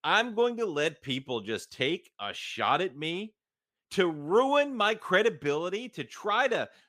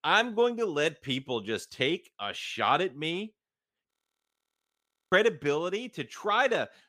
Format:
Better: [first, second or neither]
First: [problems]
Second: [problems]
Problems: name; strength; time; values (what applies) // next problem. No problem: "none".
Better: first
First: none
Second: audio freezing; at 4 s for 1 s